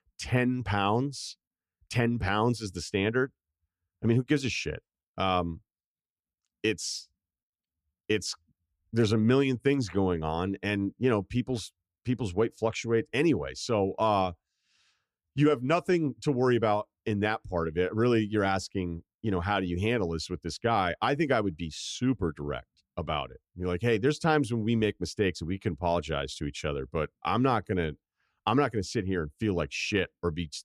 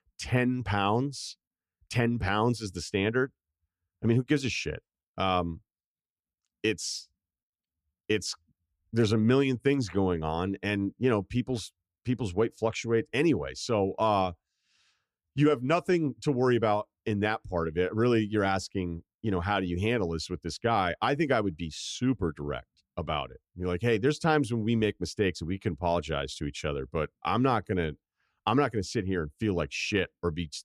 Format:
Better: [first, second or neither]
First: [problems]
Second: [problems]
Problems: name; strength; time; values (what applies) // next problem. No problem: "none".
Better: neither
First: none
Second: none